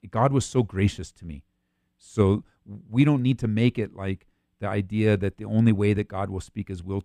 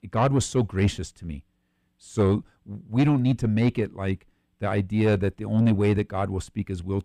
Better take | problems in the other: first | distortion; slight; 10 dB below the speech

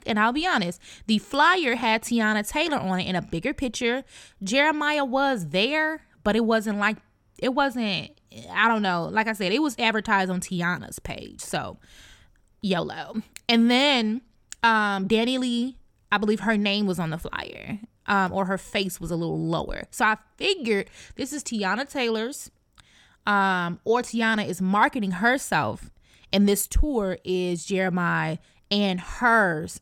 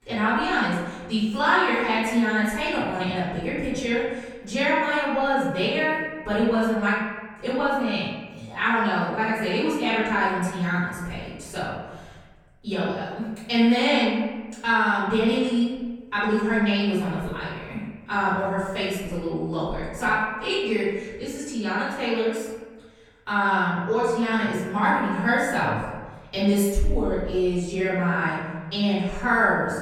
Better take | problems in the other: first | off-mic speech; far // room echo; strong; dies away in 1.3 s

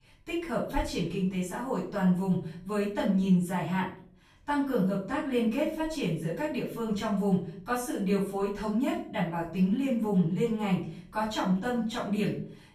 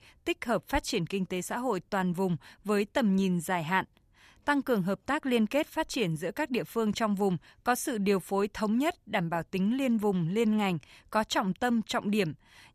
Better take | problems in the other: second | off-mic speech; far // room echo; noticeable; dies away in 0.4 s

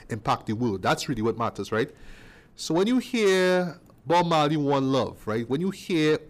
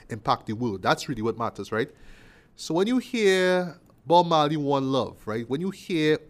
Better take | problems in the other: second | distortion; slight; 10 dB below the speech

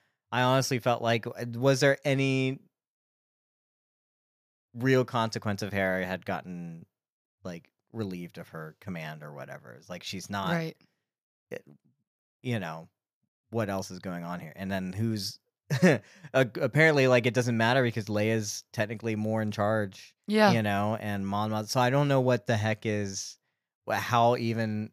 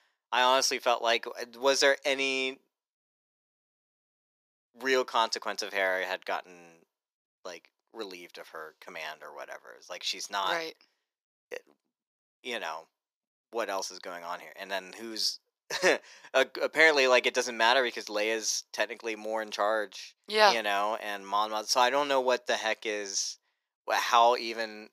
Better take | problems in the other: first | thin; very; fading below 350 Hz

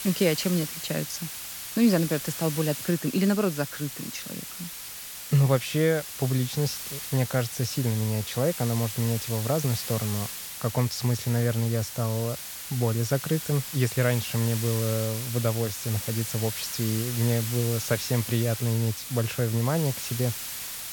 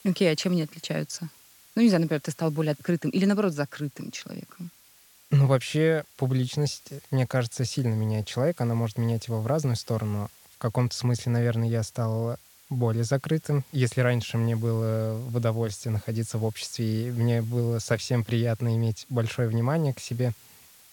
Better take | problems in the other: second | hiss; loud; throughout; 6 dB below the speech; faint in the second

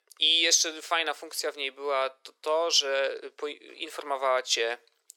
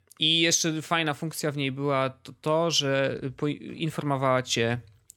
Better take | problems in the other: second | thin; very; fading below 400 Hz

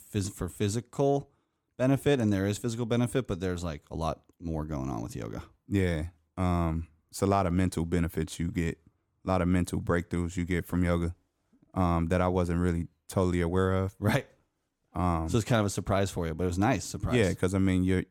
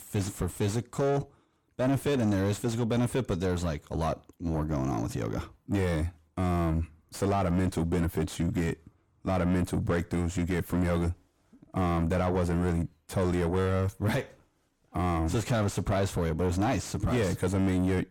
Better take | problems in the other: first | distortion; heavy; 6 dB below the speech

